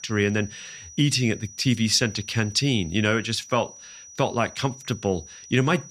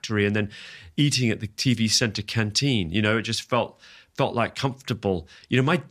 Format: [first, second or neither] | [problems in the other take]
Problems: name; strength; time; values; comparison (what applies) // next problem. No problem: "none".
second | high-pitched whine; noticeable; throughout; 6 kHz, 15 dB below the speech